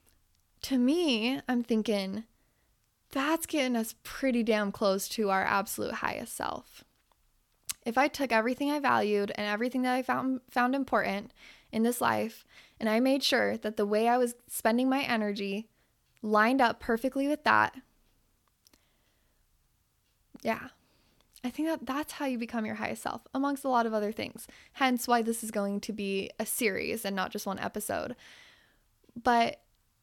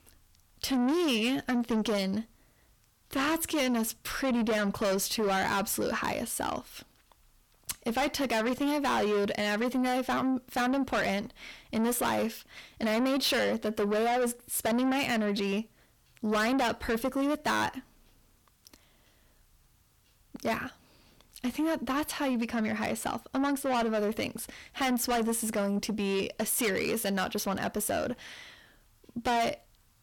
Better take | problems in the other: first | distortion; heavy; 6 dB below the speech

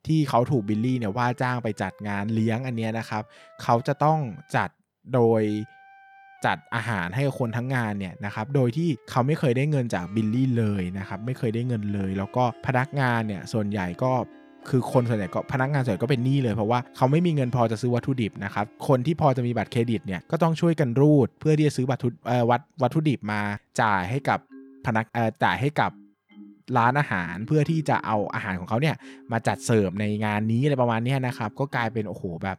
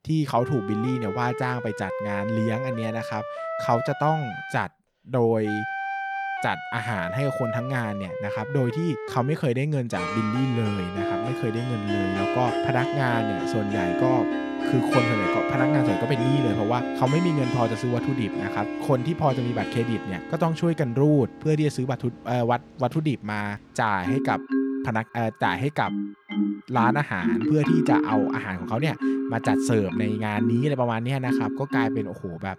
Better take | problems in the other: first | background music; loud; throughout; 2 dB below the speech; faint in the first

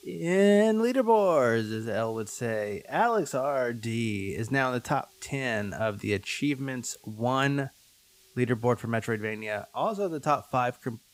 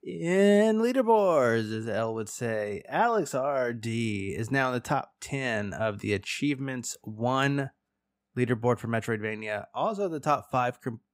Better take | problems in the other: second | hiss; faint; throughout; 30 dB below the speech

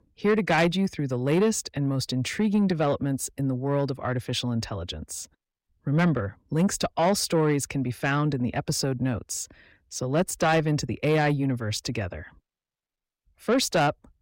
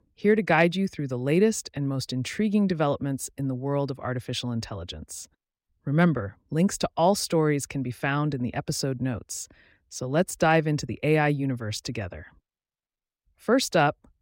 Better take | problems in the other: second | distortion; slight; 10 dB below the speech

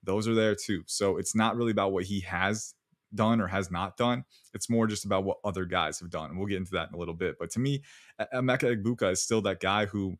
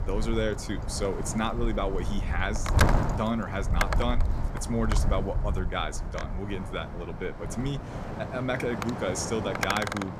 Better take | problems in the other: first | wind noise on the microphone; heavy; 2 dB below the speech

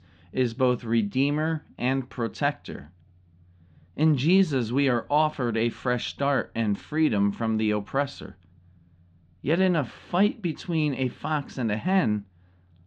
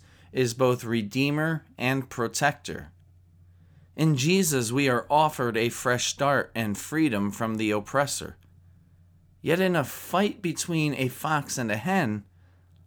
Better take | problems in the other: second | muffled; slightly; fading above 4 kHz

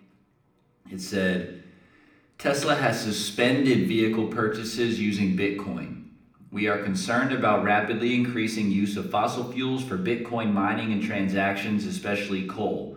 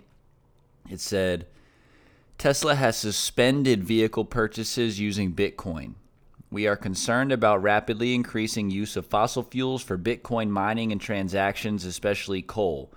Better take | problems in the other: second | room echo; slight; dies away in 0.8 s // off-mic speech; somewhat distant

